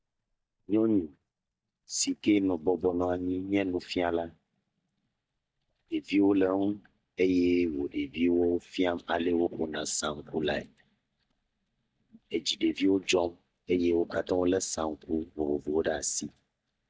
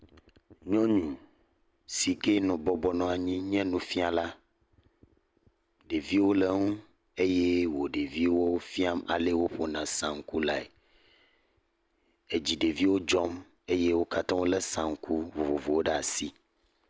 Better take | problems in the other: second | noise reduction (neural mask model DeepFilterNet 3)

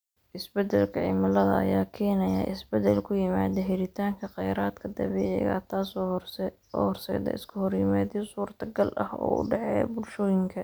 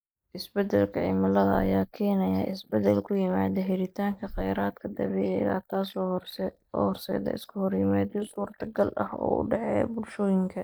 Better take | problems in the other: first | noise reduction (neural mask model Resemble Enhance denoiser)

